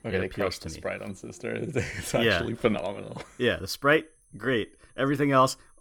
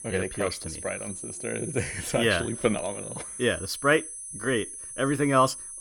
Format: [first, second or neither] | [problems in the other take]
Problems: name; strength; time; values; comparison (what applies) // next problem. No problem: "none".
first | high-pitched whine; loud; throughout; 10 kHz, 9 dB below the speech; faint in the first